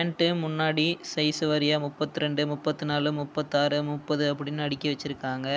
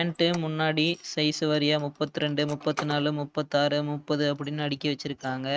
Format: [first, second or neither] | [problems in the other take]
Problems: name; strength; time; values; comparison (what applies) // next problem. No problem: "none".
first | noise reduction (neural mask model RNNoise)